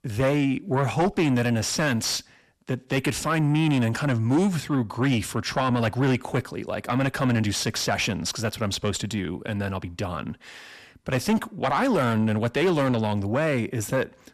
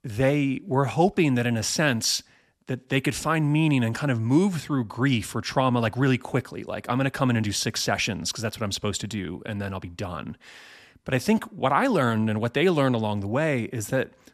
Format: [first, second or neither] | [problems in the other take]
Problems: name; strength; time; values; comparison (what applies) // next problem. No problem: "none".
second | distortion; slight; 10 dB below the speech